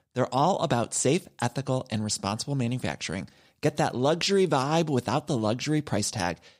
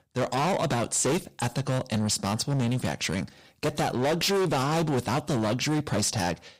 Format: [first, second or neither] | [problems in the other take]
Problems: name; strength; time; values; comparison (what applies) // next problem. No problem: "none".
first | distortion; heavy; 22% of the sound clipped